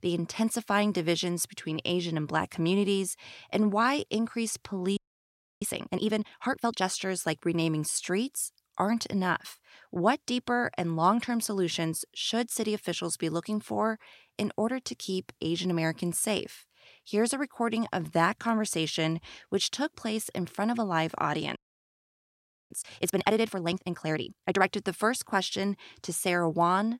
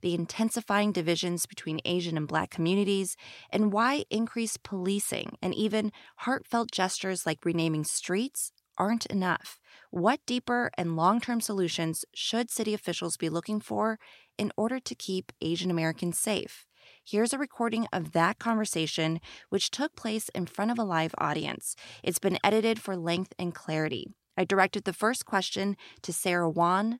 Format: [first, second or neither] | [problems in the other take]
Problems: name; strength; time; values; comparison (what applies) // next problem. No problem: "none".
second | audio freezing; at 5 s for 0.5 s and at 22 s for 1 s